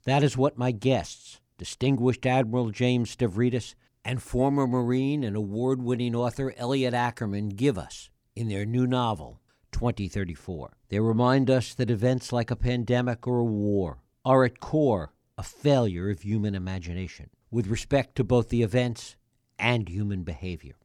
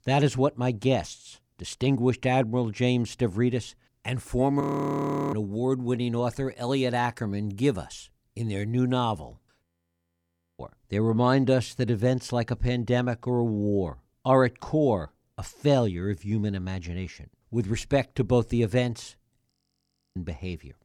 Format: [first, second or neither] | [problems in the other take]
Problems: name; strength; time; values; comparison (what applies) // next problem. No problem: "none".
first | audio freezing; at 4.5 s for 0.5 s, at 9.5 s for 1 s and at 20 s for 0.5 s